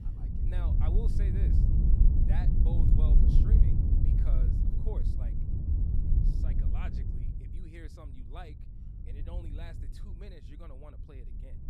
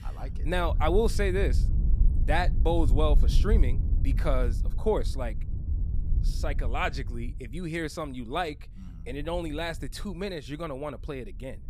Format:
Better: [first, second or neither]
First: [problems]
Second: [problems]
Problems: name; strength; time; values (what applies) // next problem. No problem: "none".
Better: second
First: wind noise on the microphone; heavy; 5 dB above the speech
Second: wind noise on the microphone; occasional gusts; 15 dB below the speech